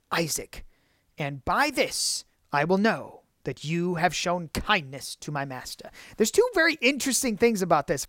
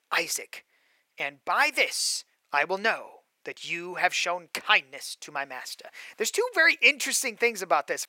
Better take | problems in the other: first | thin; very; fading below 500 Hz

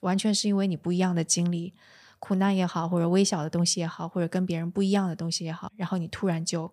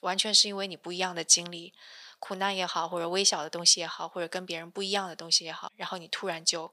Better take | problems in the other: first | thin; very; fading below 550 Hz

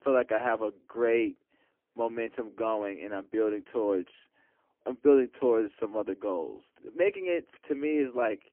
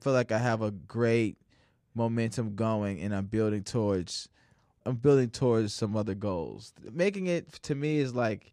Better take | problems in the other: second | phone-call audio; poor line

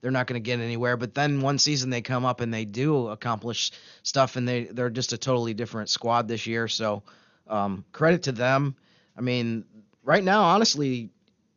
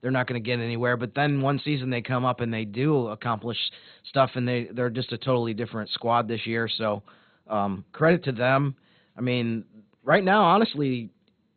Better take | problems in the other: first | garbled, watery; badly; nothing above 4 kHz; slightly in the first

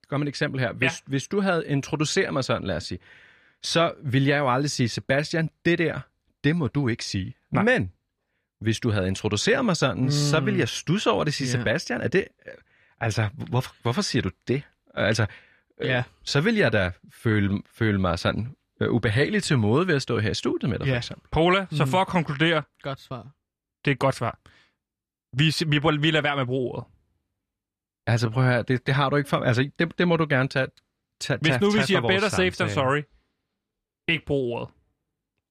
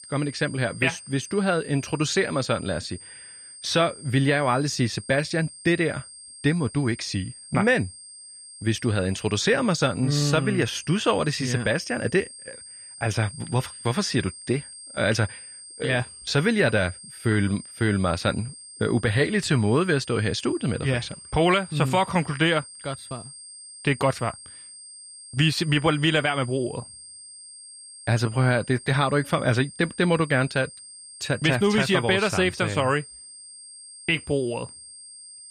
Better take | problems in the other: first | high-pitched whine; noticeable; throughout; 8.5 kHz, 15 dB below the speech

